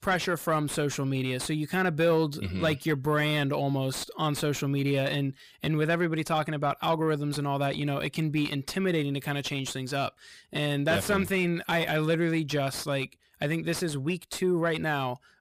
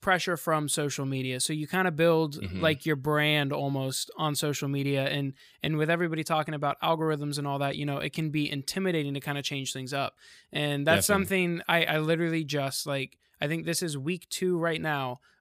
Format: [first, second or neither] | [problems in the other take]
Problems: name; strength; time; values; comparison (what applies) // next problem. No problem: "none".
second | distortion; slight; 10 dB below the speech